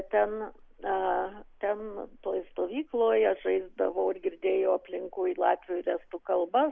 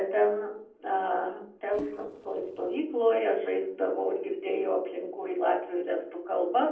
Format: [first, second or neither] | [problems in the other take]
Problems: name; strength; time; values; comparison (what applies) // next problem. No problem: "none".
first | noise reduction (neural separator model SepFormer DNS4)